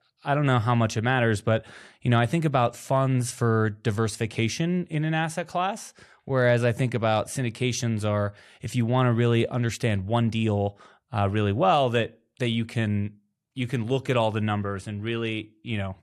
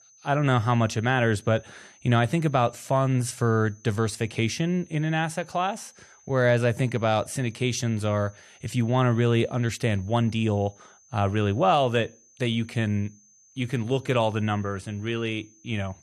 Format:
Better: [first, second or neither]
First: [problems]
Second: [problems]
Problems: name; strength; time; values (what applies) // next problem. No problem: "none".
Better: first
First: none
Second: high-pitched whine; faint; throughout; 6 kHz, 30 dB below the speech